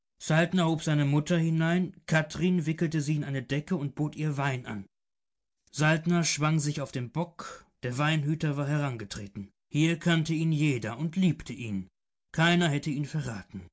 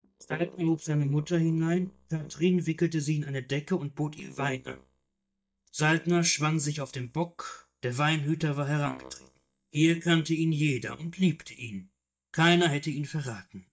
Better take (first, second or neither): first